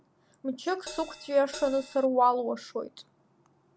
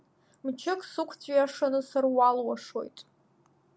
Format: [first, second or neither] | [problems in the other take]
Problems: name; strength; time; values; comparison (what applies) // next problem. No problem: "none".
second | background sound (Crash cymbal); 15 dB below the speech